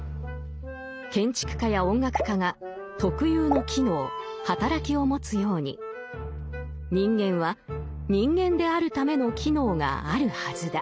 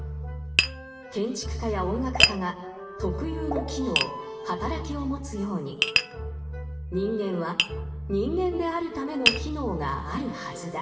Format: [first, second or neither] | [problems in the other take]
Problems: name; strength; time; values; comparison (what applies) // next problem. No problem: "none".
first | background sound (Tap); 2 dB below the speech // room echo; dies away in 1.2 s